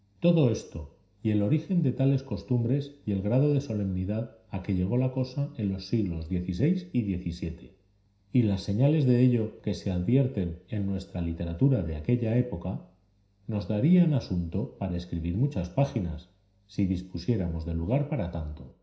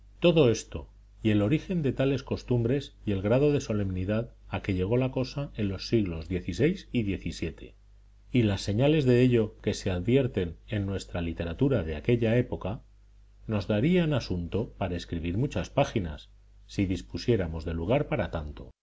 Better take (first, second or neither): second